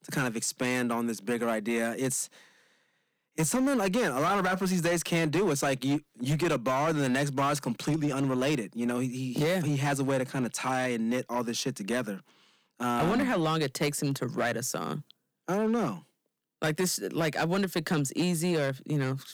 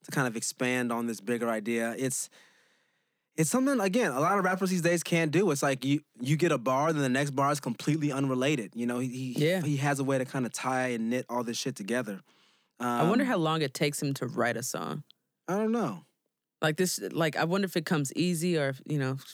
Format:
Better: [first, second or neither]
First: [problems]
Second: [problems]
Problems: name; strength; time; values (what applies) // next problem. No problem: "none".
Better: second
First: distortion; slight; 9% of the sound clipped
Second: none